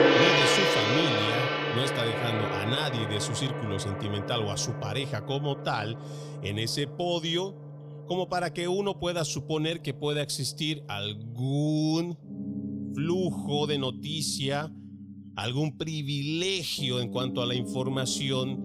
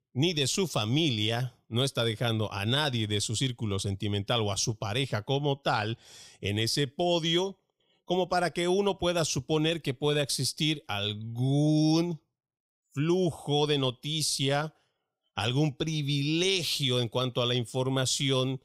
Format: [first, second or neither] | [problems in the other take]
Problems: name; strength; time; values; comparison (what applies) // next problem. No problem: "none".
second | background music; loud; throughout; as loud as the speech